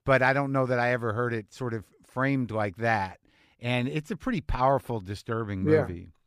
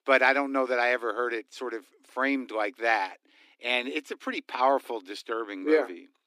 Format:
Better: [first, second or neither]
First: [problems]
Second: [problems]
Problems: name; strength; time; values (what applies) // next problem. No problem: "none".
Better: first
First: none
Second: thin; very slightly; fading below 250 Hz